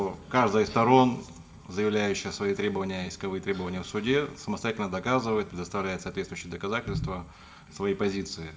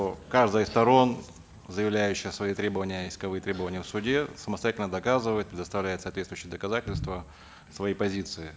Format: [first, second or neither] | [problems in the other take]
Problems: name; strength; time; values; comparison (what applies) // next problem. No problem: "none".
second | room echo; dies away in 0.5 s